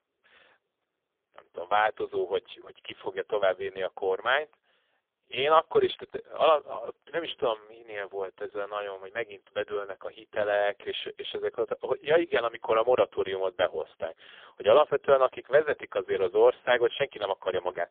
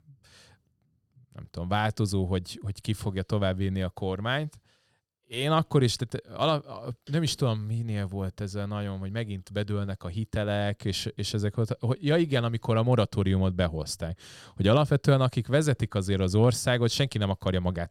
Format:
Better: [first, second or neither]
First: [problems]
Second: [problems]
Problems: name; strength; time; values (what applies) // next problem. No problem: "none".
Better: second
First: phone-call audio; poor line; nothing above 3.5 kHz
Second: none